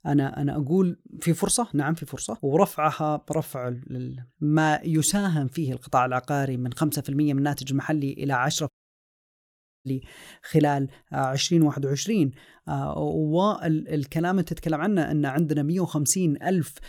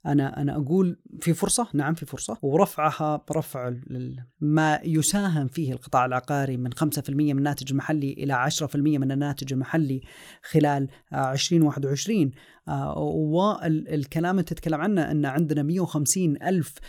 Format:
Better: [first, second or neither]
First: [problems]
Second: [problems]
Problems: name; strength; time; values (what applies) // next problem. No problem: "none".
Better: second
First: audio cutting out; at 8.5 s for 1 s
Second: none